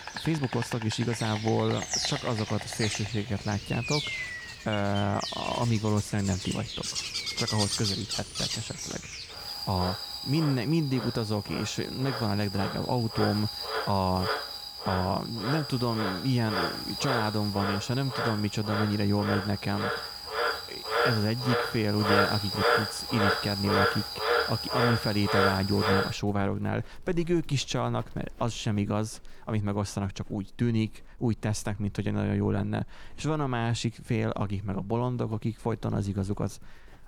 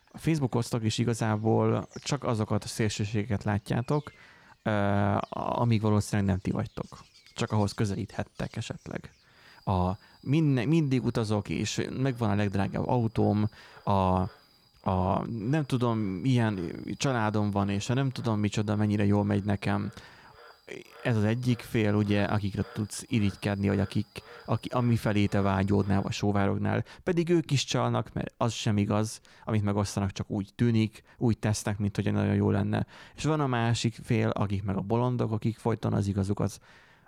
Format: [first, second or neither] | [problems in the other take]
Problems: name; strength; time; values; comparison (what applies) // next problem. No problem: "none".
second | animal sounds; loud; throughout; 1 dB below the speech; faint in the second